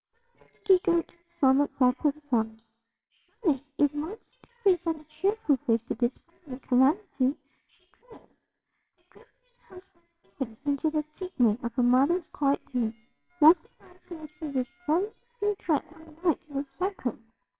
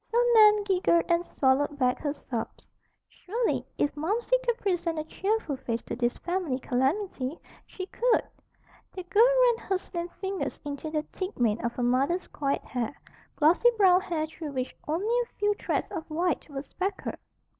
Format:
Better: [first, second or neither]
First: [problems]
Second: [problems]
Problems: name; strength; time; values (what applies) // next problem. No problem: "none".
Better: second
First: noise reduction (neural separator model SepFormer WHAMR!)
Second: none